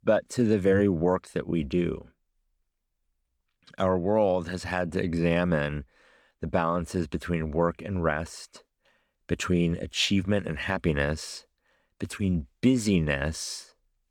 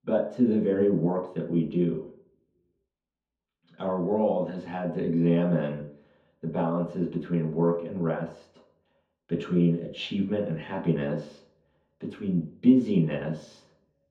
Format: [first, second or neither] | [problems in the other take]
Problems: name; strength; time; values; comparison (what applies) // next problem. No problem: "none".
first | room echo; noticeable; dies away in 0.5 s // off-mic speech; far